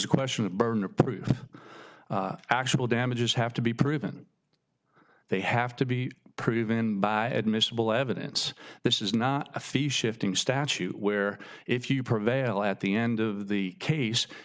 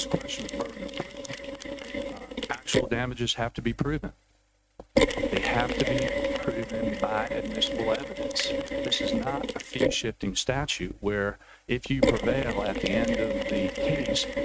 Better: first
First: none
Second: noise reduction (neural mask model RNNoise)

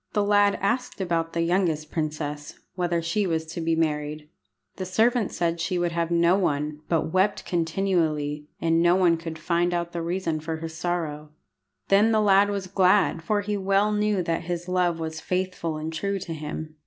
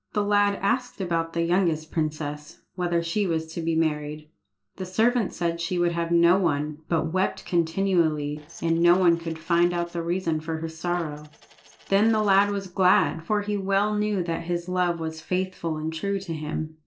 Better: first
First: none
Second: noise reduction (neural separator model SepFormer DNS4)

